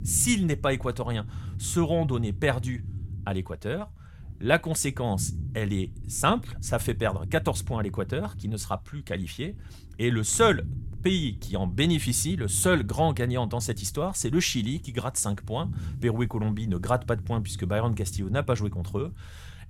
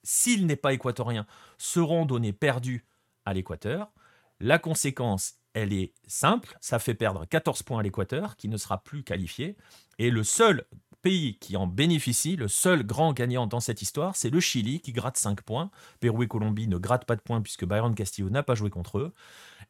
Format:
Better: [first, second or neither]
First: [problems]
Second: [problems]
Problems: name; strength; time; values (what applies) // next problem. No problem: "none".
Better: second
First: low rumble; faint; throughout; 20 dB below the speech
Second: none